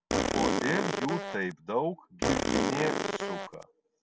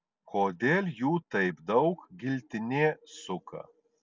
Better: second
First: background sound (Fart); 4 dB above the speech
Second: none

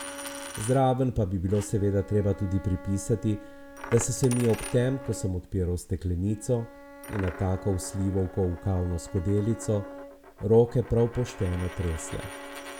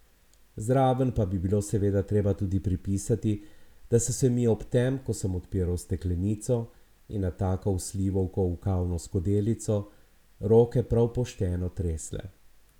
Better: second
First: background sound (Bowed string instrument + Coin (dropping)); 15 dB below the speech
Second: none

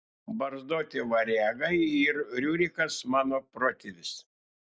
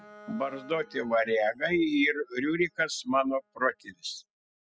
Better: first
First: none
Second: noise reduction (classical method spectral subtraction)

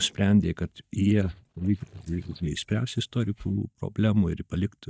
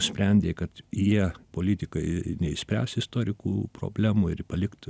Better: second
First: noise reduction (neural mask model DeepFilterNet 3)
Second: none

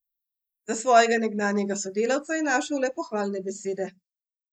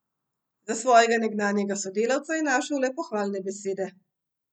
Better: second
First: noise reduction (neural mask model Resemble Enhance denoiser)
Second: none

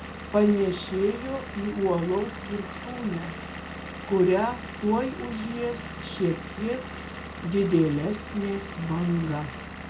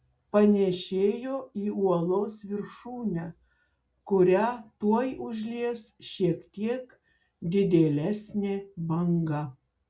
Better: second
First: background sound (Engine / Vehicle); 10 dB below the speech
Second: none

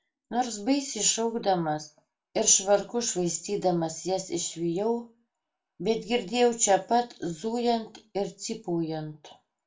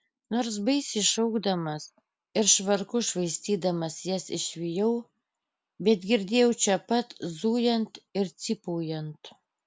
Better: second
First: room echo; dies away in 0.2 s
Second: none

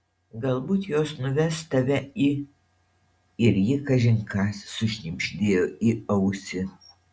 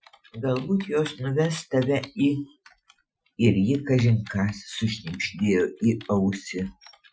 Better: first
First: none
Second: noise reduction (classical method Wiener filter)

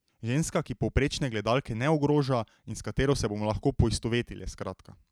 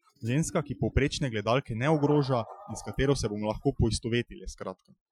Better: first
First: none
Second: noise reduction (classical method Wiener filter)

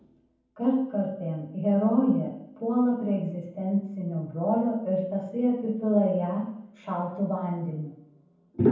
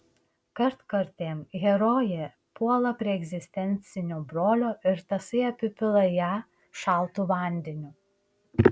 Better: second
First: room echo; dies away in 0.9 s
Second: none

